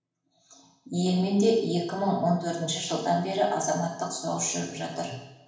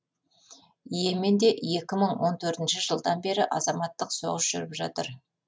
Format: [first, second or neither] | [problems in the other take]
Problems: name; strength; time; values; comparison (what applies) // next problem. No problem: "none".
second | room echo; dies away in 0.9 s